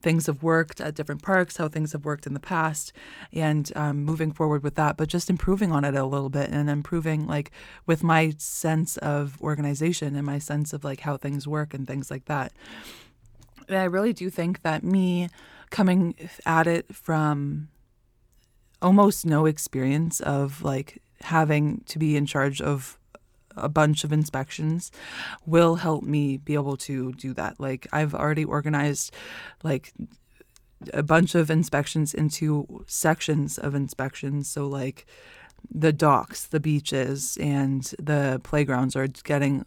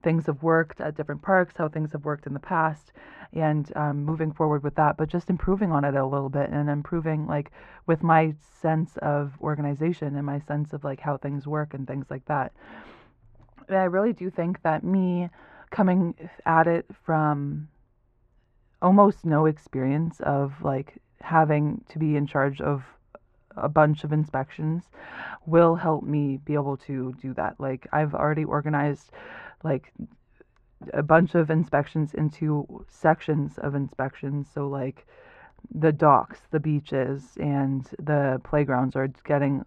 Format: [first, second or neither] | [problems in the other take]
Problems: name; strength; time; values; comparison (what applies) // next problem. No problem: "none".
first | muffled; very; fading above 1.5 kHz